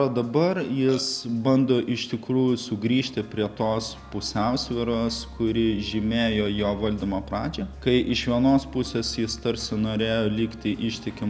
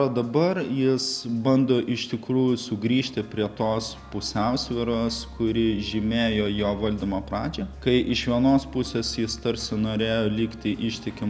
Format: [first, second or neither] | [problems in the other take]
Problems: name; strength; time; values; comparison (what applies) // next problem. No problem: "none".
second | background sound (Burping, eructation); 17 dB below the speech